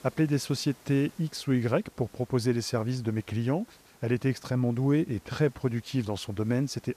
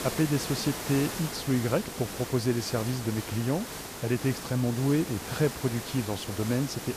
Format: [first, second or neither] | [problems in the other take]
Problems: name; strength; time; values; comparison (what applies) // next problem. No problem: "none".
first | hiss; loud; throughout; 7 dB below the speech; faint in the first